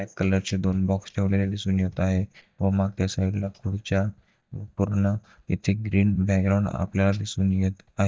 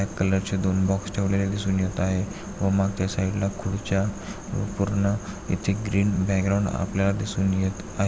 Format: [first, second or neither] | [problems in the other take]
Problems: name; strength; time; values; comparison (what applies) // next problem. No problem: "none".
second | noise reduction (neural mask model DeepFilterNet 3)